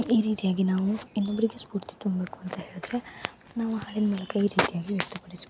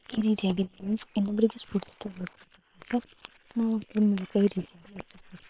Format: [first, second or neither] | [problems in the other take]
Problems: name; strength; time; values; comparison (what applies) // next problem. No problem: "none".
first | noise reduction (neural separator model SepFormer WHAM!)